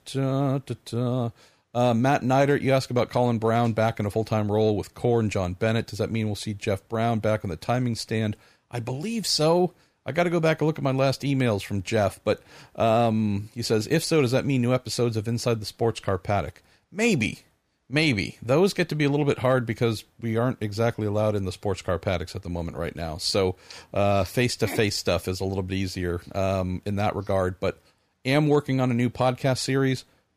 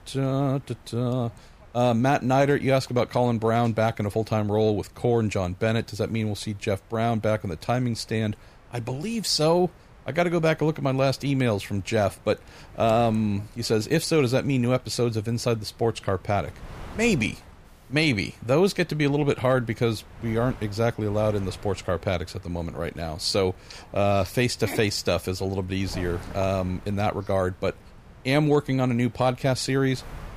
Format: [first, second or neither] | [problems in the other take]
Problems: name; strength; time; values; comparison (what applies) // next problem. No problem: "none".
first | wind noise on the microphone; occasional gusts; 25 dB below the speech